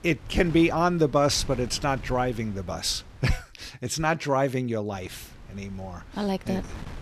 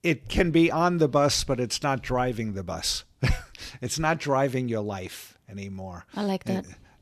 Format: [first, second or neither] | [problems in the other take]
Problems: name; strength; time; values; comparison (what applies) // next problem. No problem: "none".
second | wind noise on the microphone; occasional gusts; until 3.5 s and from 5 s on; 20 dB below the speech